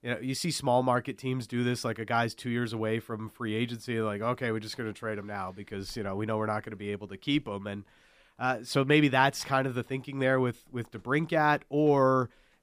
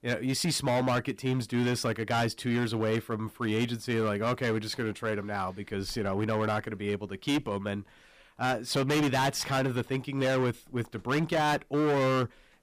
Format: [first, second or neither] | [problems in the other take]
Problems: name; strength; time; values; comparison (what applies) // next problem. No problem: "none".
first | distortion; heavy; 15% of the sound clipped